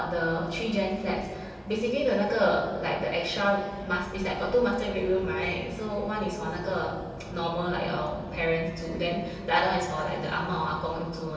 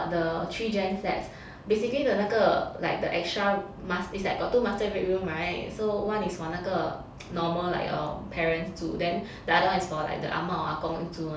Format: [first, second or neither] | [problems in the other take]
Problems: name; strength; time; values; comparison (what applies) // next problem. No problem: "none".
second | room echo; dies away in 2.7 s